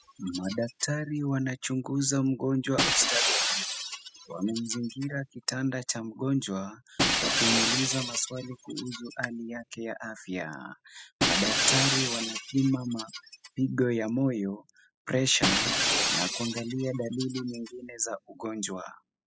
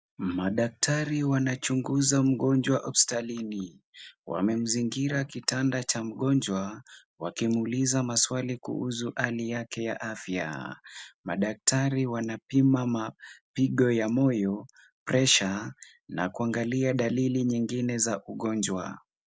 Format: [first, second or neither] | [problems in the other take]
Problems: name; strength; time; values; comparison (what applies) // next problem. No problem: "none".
second | noise reduction (classical method spectral subtraction)